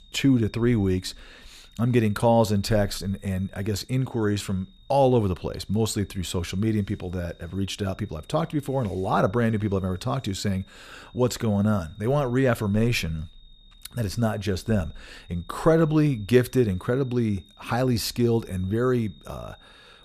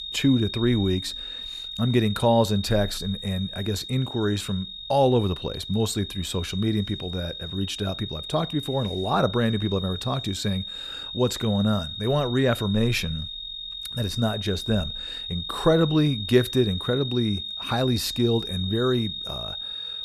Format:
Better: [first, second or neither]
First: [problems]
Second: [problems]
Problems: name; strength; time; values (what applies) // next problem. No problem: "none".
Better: first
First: high-pitched whine; faint; throughout; 3.5 kHz, 30 dB below the speech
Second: high-pitched whine; loud; throughout; 3.5 kHz, 7 dB below the speech